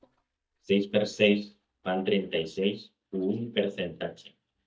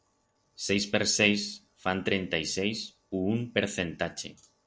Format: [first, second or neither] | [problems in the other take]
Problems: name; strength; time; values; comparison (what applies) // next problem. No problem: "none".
second | noise reduction (neural mask model DeepFilterNet 3)